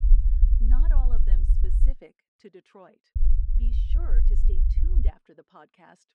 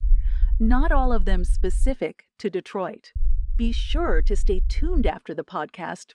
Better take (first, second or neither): second